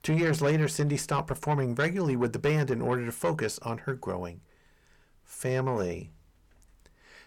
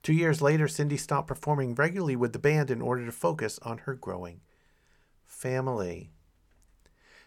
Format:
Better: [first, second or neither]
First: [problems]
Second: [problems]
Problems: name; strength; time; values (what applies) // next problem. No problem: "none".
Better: second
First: distortion; slight; 9 dB below the speech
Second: none